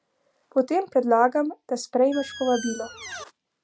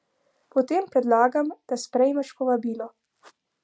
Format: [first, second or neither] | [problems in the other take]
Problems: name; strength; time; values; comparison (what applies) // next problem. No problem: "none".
second | background sound (Squeak); 13 dB below the speech